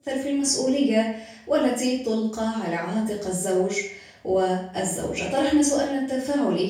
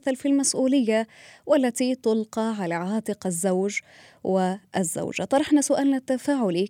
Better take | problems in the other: second | room echo; noticeable; dies away in 0.5 s // off-mic speech; far

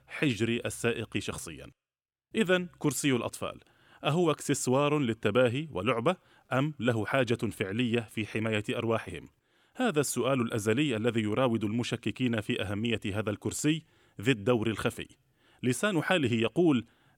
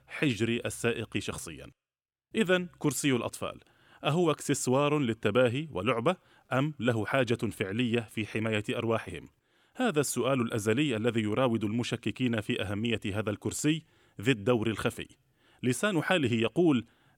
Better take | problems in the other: neither | none

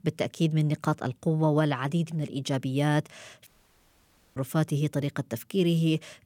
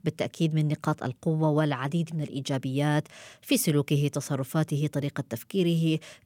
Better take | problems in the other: second | audio cutting out; at 3.5 s for 1 s

